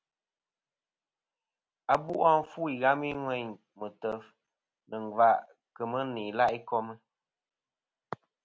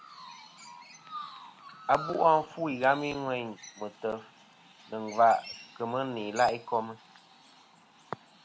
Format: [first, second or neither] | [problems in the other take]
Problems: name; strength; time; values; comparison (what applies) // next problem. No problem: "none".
first | background sound (Chirp, tweet); 17 dB below the speech